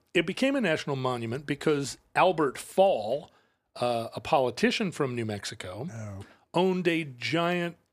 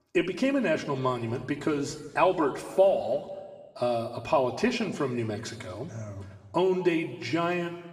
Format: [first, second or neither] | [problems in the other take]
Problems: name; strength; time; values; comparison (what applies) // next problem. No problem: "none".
first | room echo; slight; dies away in 1.4 s // off-mic speech; somewhat distant